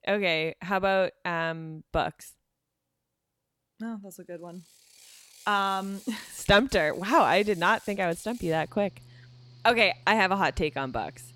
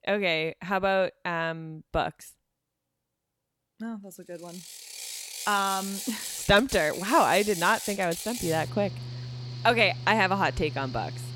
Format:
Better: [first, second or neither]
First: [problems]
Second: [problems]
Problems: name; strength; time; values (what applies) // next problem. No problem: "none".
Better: first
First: machinery noise; faint; from 4.5 s on; 25 dB below the speech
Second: machinery noise; loud; from 4.5 s on; 10 dB below the speech